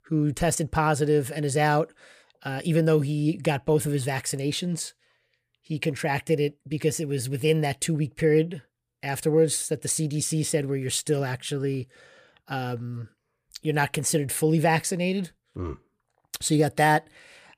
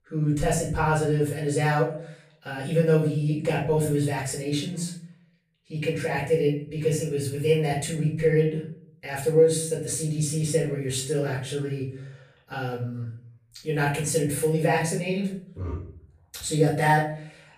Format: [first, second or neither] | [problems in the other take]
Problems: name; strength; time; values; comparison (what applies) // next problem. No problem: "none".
first | off-mic speech; far // room echo; noticeable; dies away in 0.5 s